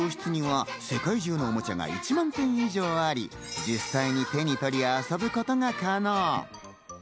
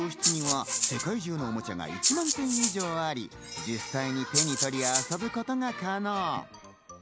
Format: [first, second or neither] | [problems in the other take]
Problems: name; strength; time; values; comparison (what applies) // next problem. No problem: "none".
first | background sound (Rattle (instrument)); 3 dB above the speech